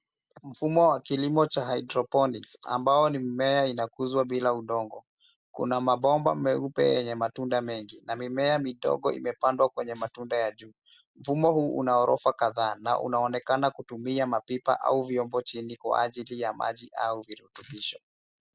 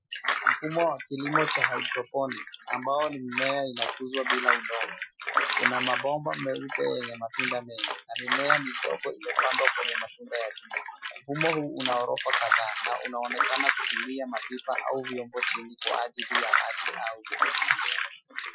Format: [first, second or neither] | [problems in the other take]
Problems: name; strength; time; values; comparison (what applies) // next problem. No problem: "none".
first | noise reduction (classical method Wiener filter)